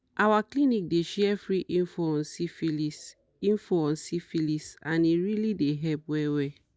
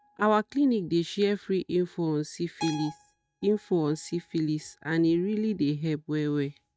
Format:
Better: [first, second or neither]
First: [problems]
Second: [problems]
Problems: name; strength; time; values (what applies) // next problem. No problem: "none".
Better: first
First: none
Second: noise reduction (neural mask model RNNoise)